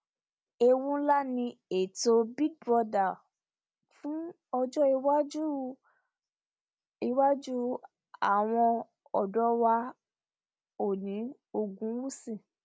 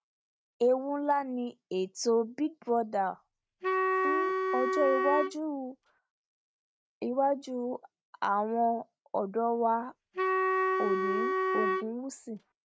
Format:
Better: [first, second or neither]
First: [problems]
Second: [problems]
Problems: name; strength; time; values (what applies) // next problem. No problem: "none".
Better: first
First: none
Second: noise reduction (neural mask model RNNoise)